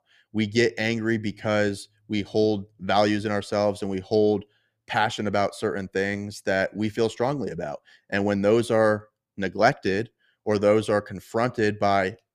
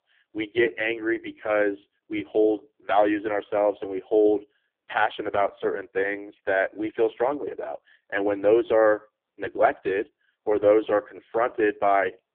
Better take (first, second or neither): first